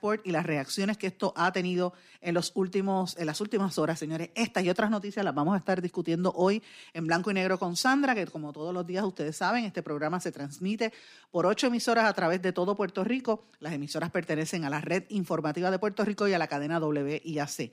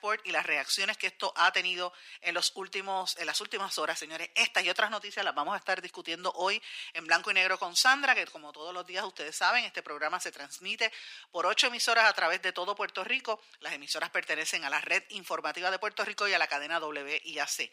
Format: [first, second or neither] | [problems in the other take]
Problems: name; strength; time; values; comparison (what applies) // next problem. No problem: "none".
first | thin; very; fading below 900 Hz